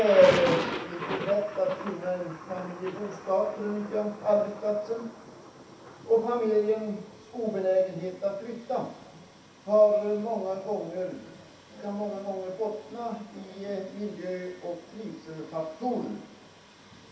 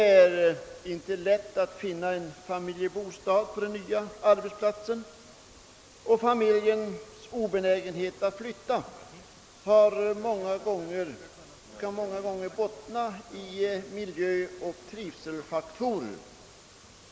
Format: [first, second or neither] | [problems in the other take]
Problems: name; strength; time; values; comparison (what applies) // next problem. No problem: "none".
second | background sound (Thunder); 11 dB below the speech // room echo; dies away in 0.7 s